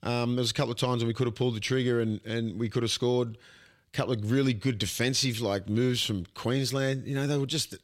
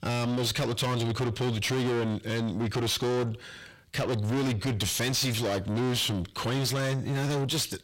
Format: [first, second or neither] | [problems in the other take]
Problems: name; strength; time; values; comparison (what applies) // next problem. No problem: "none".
first | distortion; heavy; 6 dB below the speech